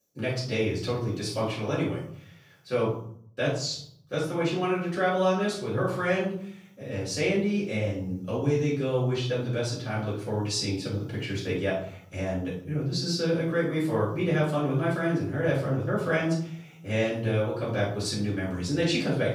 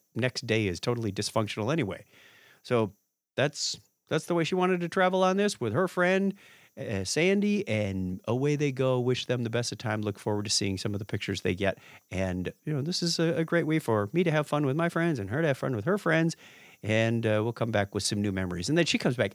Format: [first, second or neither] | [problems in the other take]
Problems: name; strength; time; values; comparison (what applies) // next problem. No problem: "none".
second | off-mic speech; far // room echo; noticeable; dies away in 0.6 s